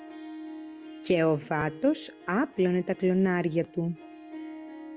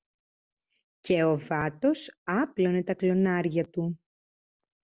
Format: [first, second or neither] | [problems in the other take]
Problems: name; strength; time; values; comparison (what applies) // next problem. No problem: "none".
second | background sound (Harp); 15 dB below the speech